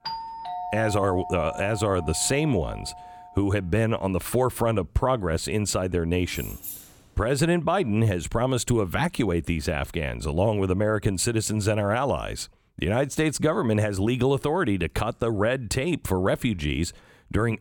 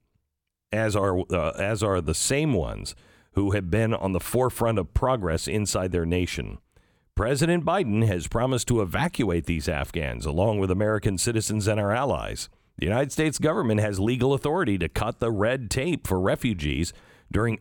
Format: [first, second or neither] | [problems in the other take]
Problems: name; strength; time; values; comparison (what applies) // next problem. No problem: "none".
second | doorbell; noticeable; until 3.5 s; peak 7 dB below the speech // jangling keys; faint; at 6.5 s; peak 10 dB below the speech